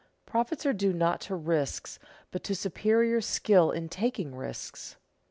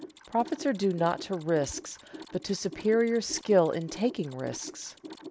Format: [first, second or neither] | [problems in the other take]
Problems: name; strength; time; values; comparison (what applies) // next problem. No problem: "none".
first | background sound (Mechanisms); 17 dB below the speech